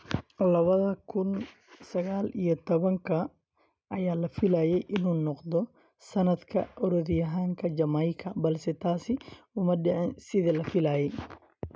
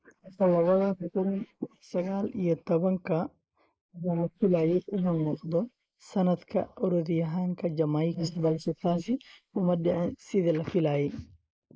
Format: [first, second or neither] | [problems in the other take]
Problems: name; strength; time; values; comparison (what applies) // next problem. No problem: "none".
first | noise reduction (neural mask model Resemble Enhance denoiser)